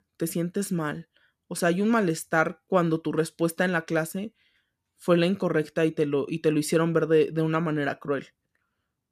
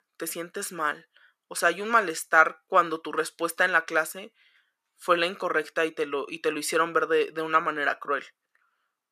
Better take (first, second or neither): first